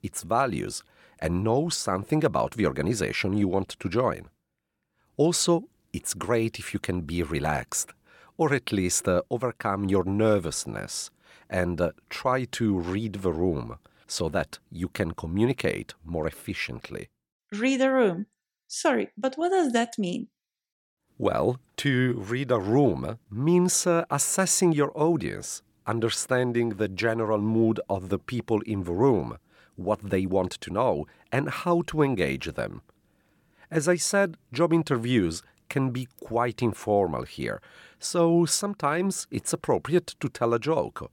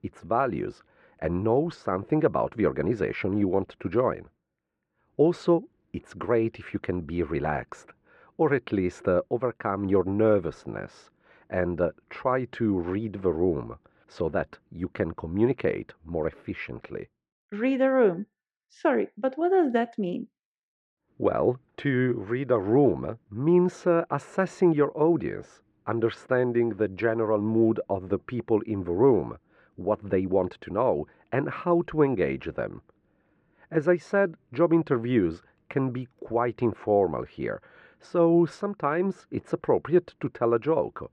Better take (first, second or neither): first